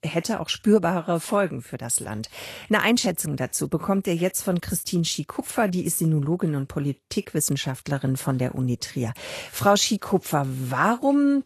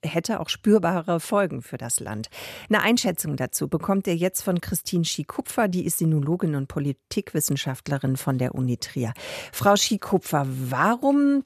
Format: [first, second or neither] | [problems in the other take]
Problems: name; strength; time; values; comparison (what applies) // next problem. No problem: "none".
second | garbled, watery; slightly; nothing above 12.5 kHz